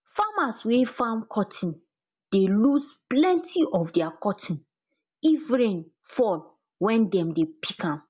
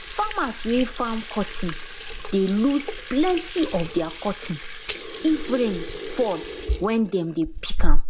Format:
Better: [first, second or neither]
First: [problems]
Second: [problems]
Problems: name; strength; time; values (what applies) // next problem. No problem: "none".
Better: first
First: none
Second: background sound (Sink (filling or washing) / Water tap, faucet); 2 dB above the speech